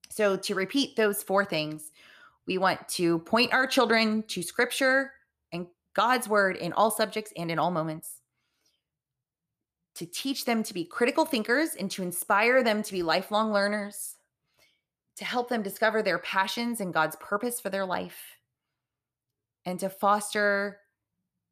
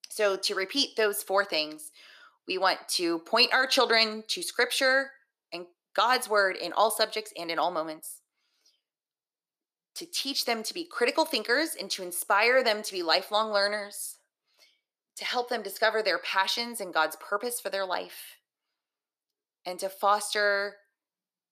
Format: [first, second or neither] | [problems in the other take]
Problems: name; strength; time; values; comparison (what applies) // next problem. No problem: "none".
first | thin; somewhat; fading below 350 Hz